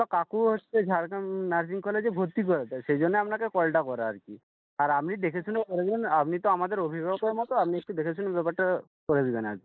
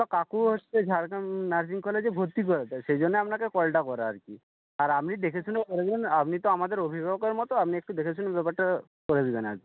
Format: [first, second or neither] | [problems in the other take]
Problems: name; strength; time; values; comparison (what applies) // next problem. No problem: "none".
second | noise reduction (neural mask model Resemble Enhance denoiser)